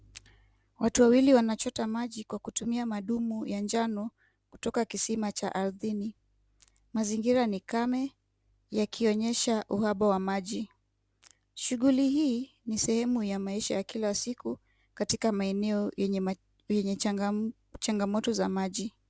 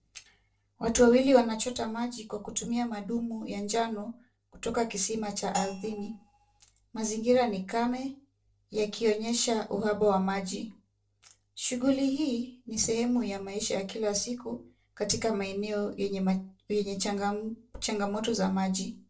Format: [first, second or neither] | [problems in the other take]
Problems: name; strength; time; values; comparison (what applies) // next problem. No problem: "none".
first | noise reduction (neural separator model SepFormer DNS4)